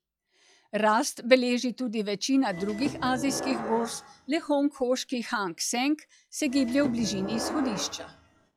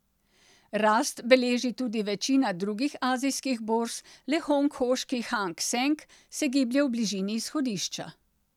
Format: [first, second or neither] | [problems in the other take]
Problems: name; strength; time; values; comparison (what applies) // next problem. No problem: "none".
second | noise reduction (classical method log-MMSE)